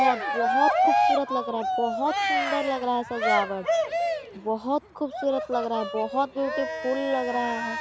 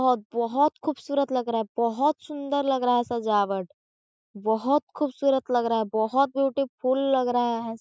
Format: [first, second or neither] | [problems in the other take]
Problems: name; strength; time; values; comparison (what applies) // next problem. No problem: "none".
second | background sound (Cheering); 1 dB above the speech